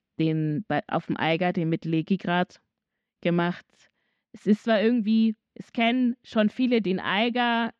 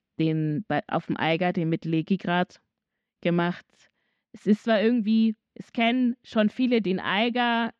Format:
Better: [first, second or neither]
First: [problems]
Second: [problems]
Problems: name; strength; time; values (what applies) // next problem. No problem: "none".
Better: neither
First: muffled; slightly; fading above 3 kHz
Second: muffled; slightly; fading above 3 kHz